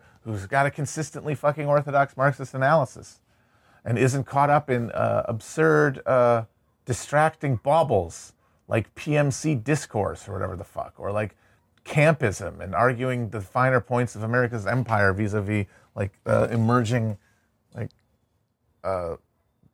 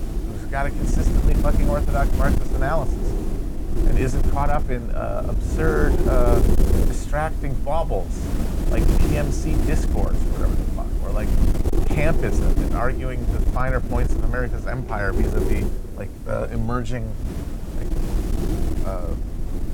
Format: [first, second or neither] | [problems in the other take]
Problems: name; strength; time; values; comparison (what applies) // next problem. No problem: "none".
first | wind noise on the microphone; heavy; 5 dB below the speech